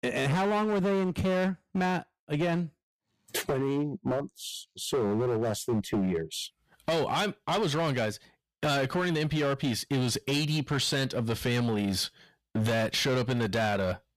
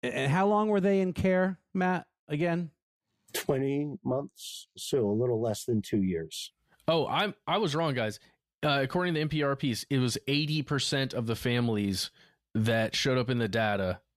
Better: second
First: distortion; slight; 17% of the sound clipped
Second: none

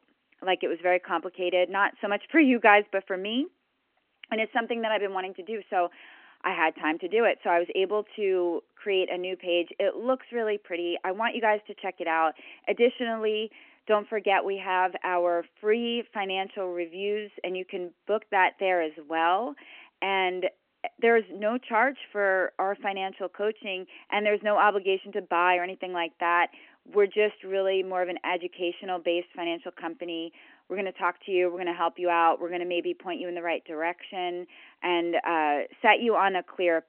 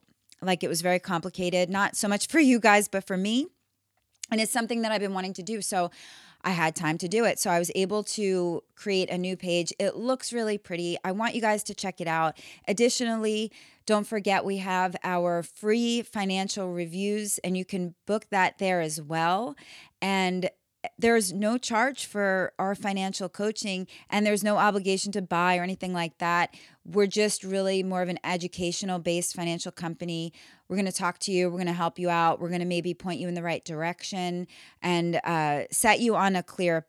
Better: second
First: phone-call audio; nothing above 3 kHz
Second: none

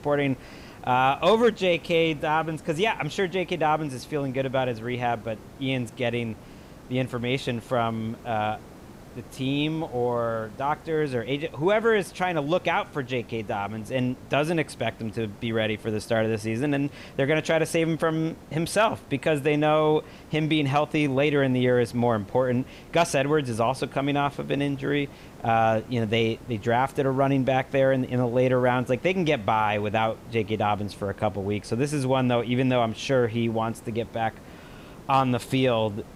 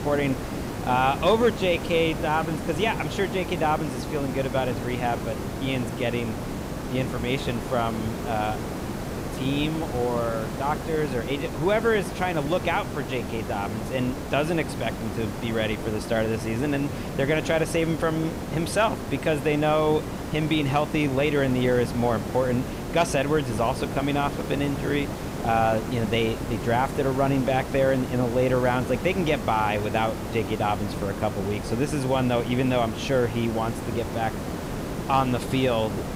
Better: first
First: hiss; faint; throughout; 20 dB below the speech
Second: hiss; loud; throughout; 6 dB below the speech

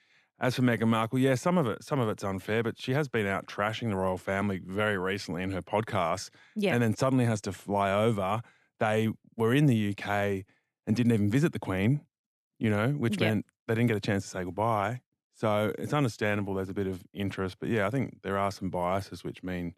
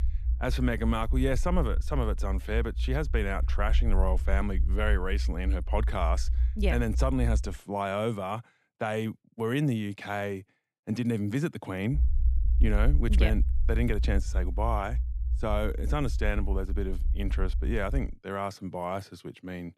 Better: first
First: none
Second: low rumble; noticeable; until 7.5 s and from 12 to 18 s; 20 dB below the speech

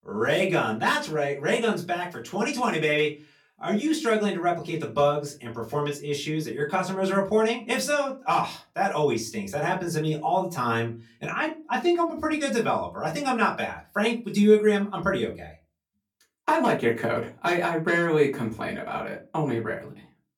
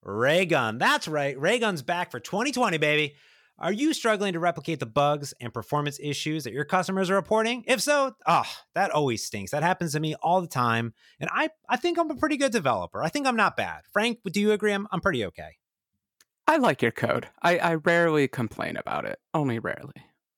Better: second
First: off-mic speech; far // room echo; very slight; dies away in 0.2 s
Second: none

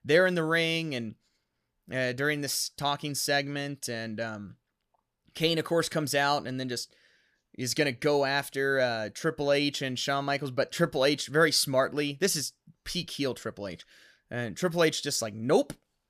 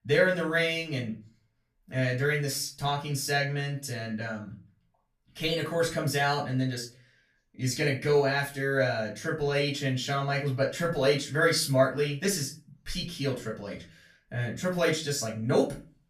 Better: first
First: none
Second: off-mic speech; far // room echo; slight; dies away in 0.3 s

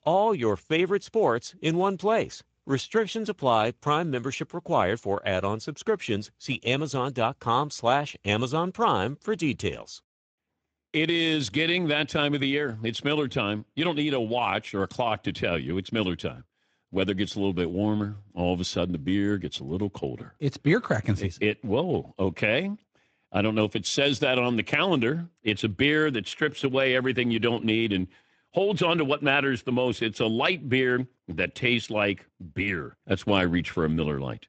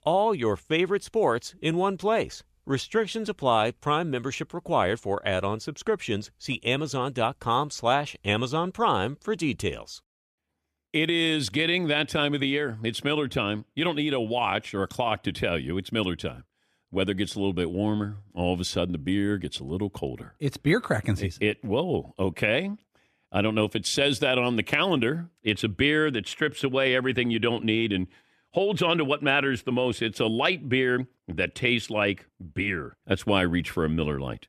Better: second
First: garbled, watery; slightly; nothing above 7.5 kHz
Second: none

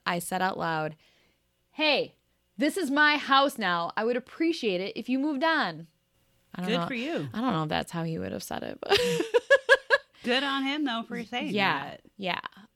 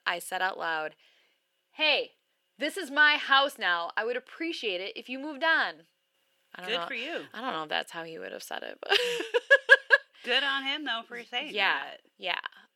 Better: first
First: none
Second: thin; somewhat; fading below 450 Hz

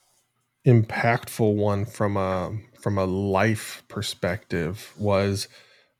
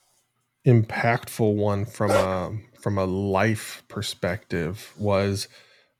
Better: first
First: none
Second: dog barking; loud; at 2 s; peak level with the speech

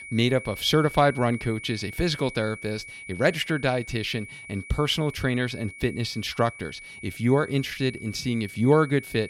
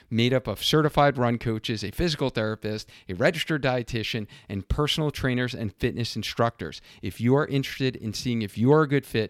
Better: second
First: high-pitched whine; noticeable; throughout; 2.5 kHz, 15 dB below the speech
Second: none

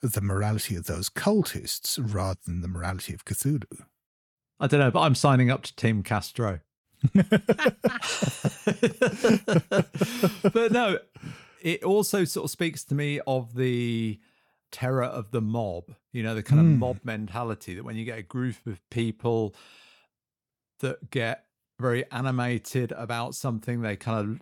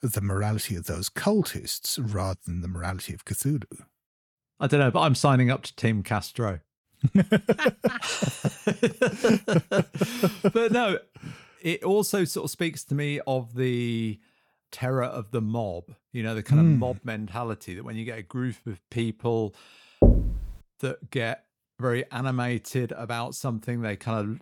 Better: first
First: none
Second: door banging; loud; at 20 s; peak 6 dB above the speech

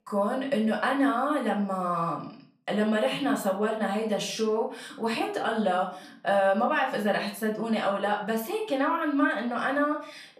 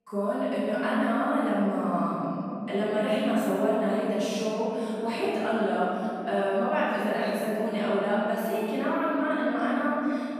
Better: first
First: room echo; slight; dies away in 0.4 s // off-mic speech; far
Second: room echo; strong; dies away in 3 s // off-mic speech; far

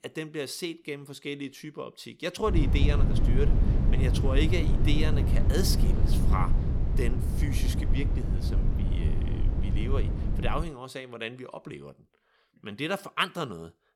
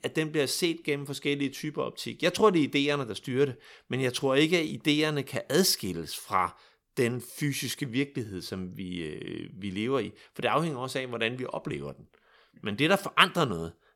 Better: second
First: wind noise on the microphone; heavy; from 2.5 to 11 s; 5 dB below the speech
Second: none

